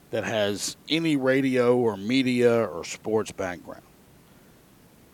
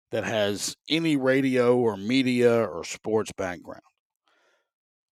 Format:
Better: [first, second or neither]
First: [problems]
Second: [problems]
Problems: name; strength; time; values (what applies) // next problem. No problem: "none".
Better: second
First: hiss; faint; throughout; 30 dB below the speech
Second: none